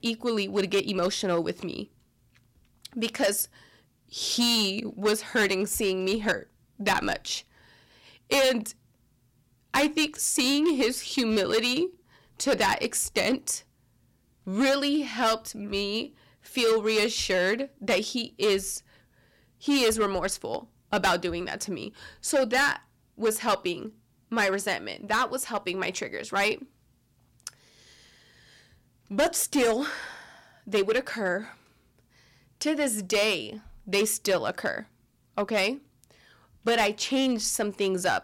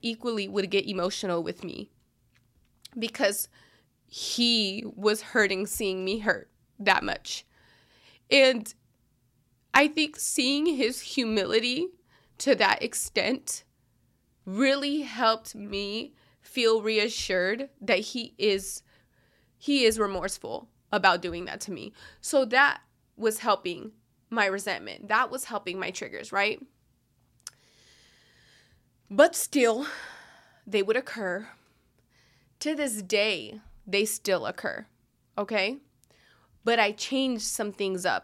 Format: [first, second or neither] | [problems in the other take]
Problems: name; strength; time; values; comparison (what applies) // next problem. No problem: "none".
second | distortion; heavy; 6% of the sound clipped